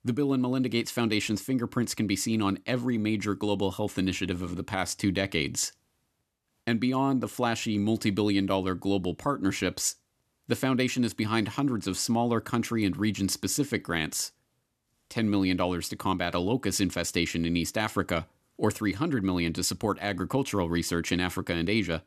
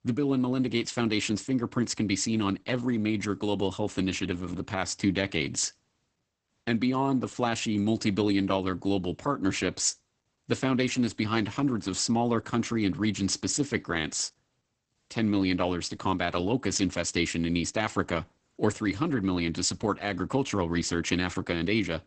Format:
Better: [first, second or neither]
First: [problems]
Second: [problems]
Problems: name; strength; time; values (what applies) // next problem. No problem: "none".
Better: first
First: none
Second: garbled, watery; badly; nothing above 8 kHz